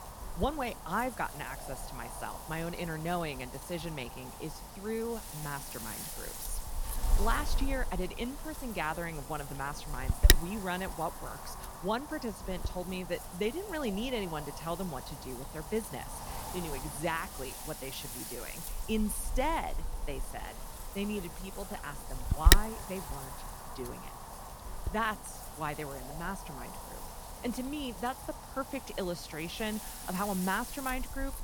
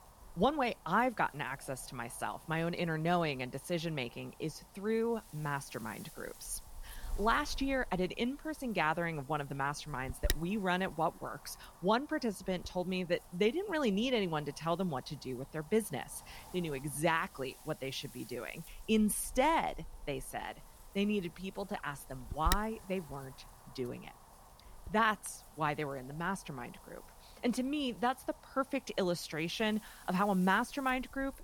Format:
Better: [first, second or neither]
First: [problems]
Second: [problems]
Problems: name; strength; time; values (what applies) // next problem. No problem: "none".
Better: second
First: wind noise on the microphone; heavy; 3 dB below the speech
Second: wind noise on the microphone; occasional gusts; 20 dB below the speech